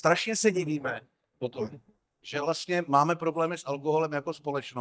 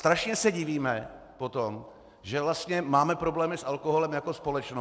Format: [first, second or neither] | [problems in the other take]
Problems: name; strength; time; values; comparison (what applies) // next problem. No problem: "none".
second | noise reduction (neural mask model DeepFilterNet 3)